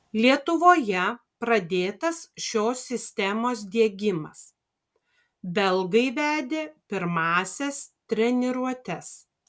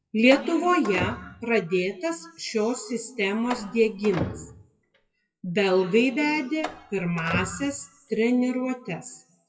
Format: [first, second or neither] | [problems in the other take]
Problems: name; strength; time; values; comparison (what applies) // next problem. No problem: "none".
first | noise reduction (classical method WPE with log-MMSE)